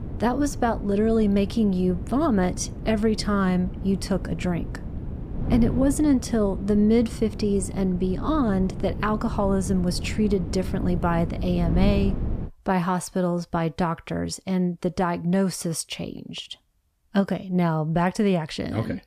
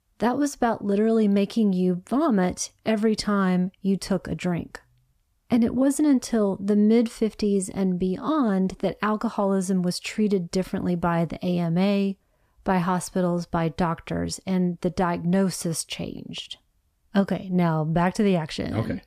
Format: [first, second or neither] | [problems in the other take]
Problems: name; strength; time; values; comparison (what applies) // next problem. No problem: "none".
second | wind noise on the microphone; occasional gusts; until 12 s; 15 dB below the speech